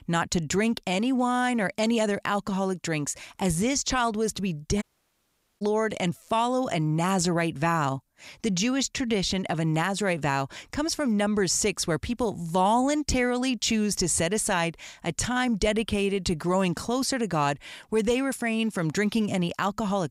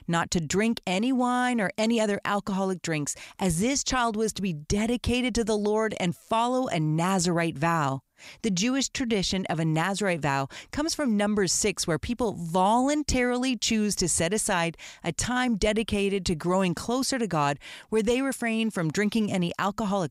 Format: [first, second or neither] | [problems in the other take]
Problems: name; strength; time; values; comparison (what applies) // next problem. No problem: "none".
second | audio cutting out; at 5 s for 1 s